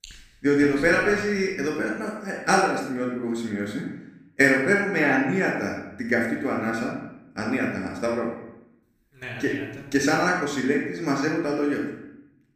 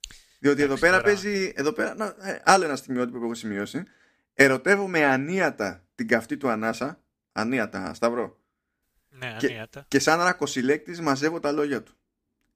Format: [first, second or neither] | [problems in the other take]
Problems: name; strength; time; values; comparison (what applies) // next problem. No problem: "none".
second | off-mic speech; somewhat distant // room echo; noticeable; dies away in 0.8 s